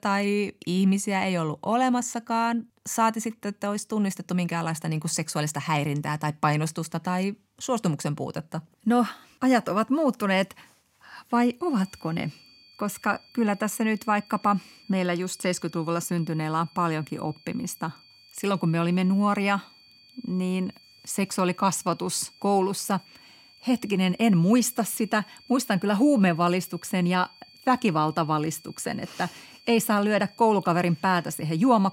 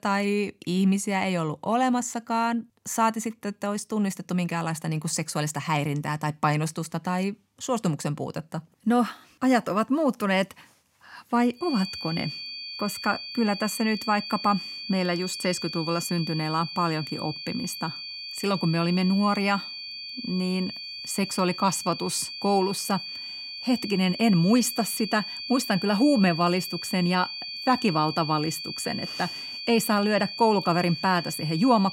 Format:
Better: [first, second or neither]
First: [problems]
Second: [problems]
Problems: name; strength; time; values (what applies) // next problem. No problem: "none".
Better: first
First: high-pitched whine; faint; from 12 s on; 4.5 kHz, 25 dB below the speech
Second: high-pitched whine; loud; from 12 s on; 4.5 kHz, 8 dB below the speech